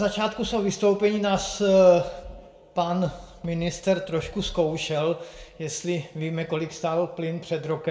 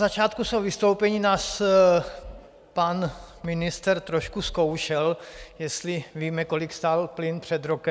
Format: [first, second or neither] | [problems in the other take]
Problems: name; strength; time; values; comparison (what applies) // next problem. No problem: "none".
second | room echo; dies away in 0.5 s